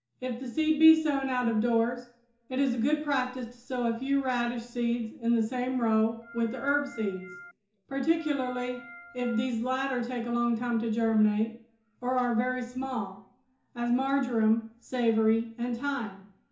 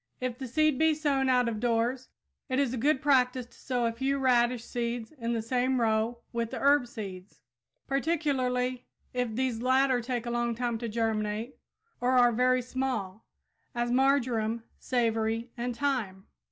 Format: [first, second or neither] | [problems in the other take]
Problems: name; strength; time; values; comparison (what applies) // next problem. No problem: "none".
second | background sound (Organ); 18 dB below the speech // room echo; dies away in 0.7 s